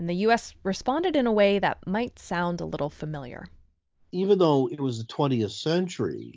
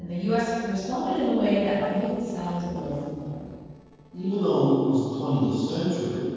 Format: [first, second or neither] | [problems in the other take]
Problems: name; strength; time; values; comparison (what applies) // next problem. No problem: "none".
first | noise reduction (neural separator model SepFormer DNS4)